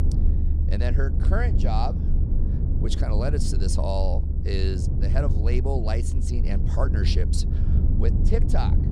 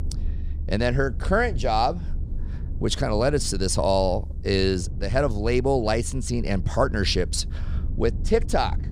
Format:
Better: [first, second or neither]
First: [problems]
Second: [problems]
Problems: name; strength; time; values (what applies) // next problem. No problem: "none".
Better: second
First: low rumble; loud; throughout; 6 dB below the speech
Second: low rumble; faint; throughout; 25 dB below the speech